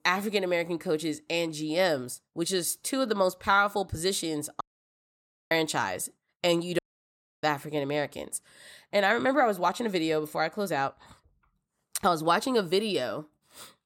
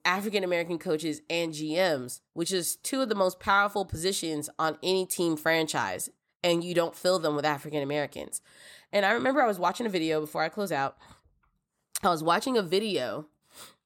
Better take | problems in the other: second | audio cutting out; at 4.5 s for 1 s and at 7 s for 0.5 s

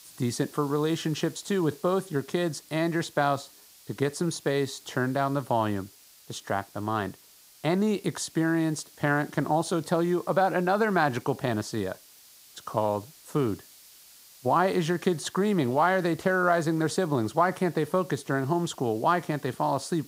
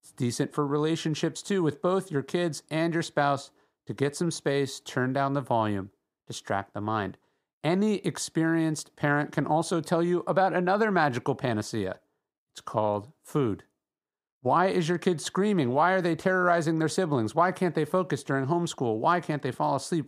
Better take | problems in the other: second | hiss; faint; throughout; 25 dB below the speech

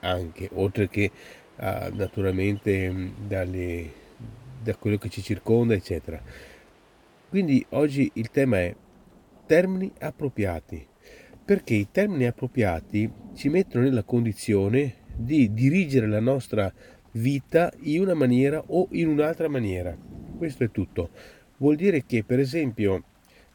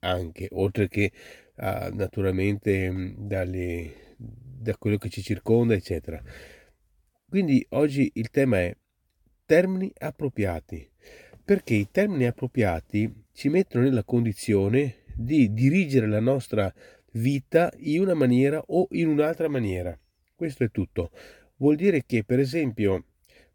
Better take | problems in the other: second | rain or running water; faint; throughout; 25 dB below the speech

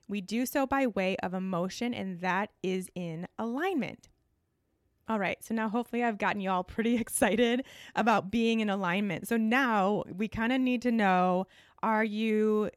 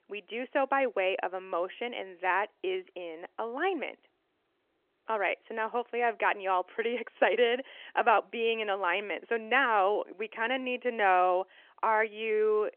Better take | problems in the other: first | phone-call audio

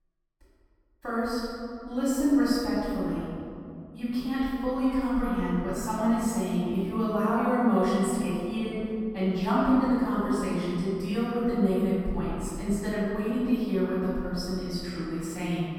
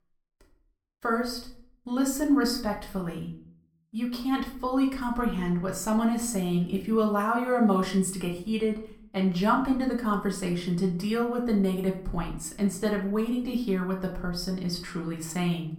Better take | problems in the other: second | room echo; strong; dies away in 2.5 s; slight in the second // off-mic speech; far; somewhat distant in the second

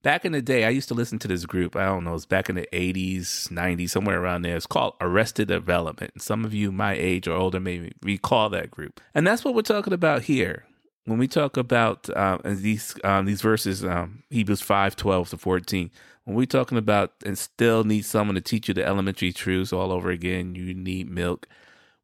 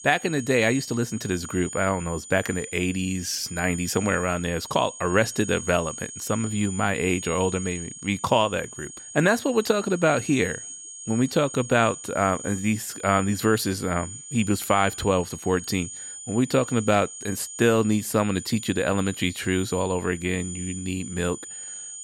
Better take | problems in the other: first | high-pitched whine; noticeable; throughout; 6.5 kHz, 10 dB below the speech

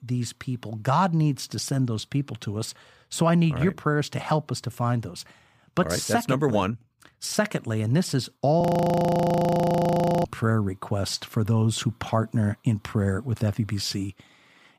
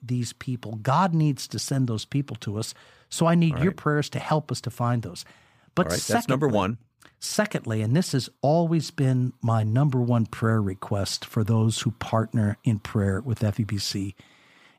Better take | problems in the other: second | audio freezing; at 8.5 s for 1.5 s

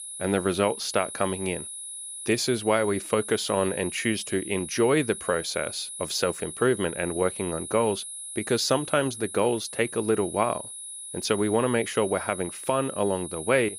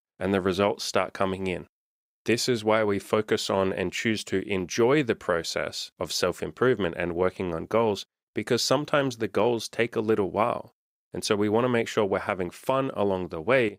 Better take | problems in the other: second | high-pitched whine; loud; throughout; 10.5 kHz, 9 dB below the speech

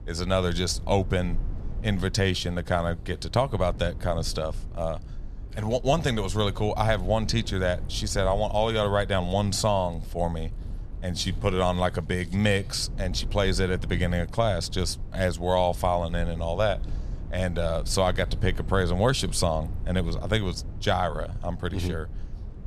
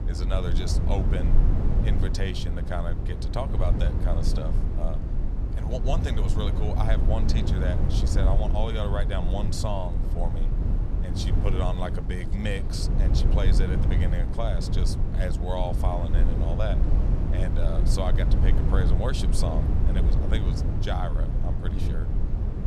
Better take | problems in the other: first | low rumble; loud; throughout; 4 dB below the speech; faint in the first

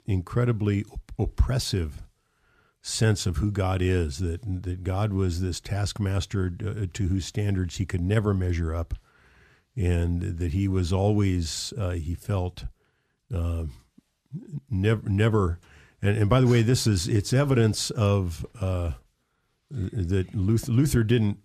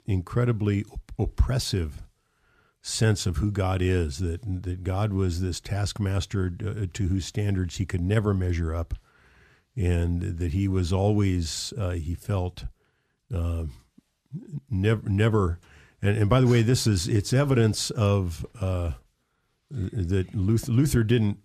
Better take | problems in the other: neither | none

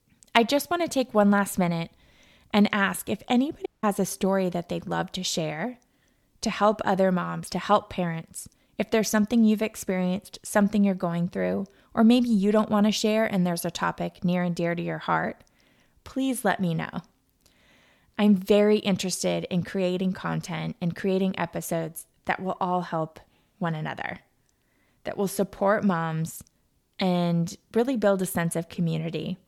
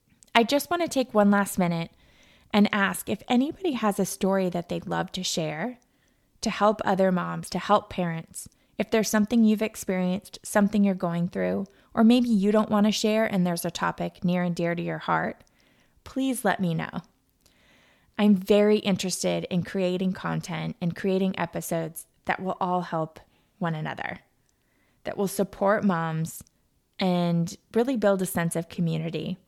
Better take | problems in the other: second | audio cutting out; at 3.5 s

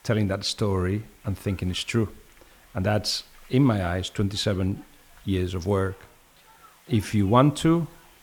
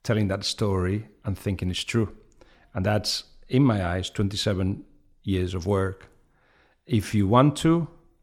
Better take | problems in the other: second | hiss; faint; throughout; 30 dB below the speech

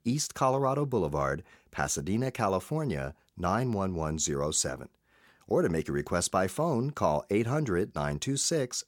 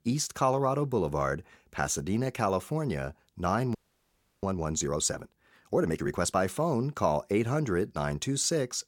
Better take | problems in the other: first | audio freezing; at 4 s for 0.5 s

